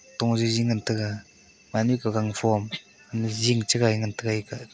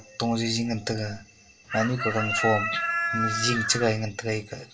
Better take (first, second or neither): first